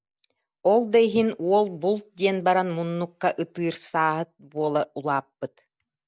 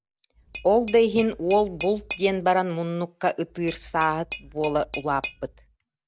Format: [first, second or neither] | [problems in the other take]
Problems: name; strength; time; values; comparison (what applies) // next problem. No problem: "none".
first | background sound (Tap / Glass); 15 dB below the speech